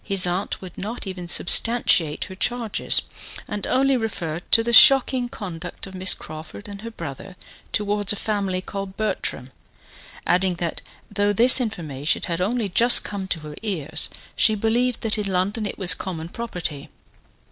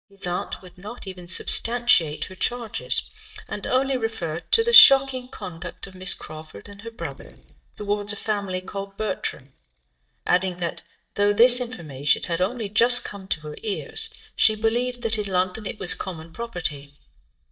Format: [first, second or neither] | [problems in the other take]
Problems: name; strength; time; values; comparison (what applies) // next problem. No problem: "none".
first | noise reduction (neural mask model DeepFilterNet 3)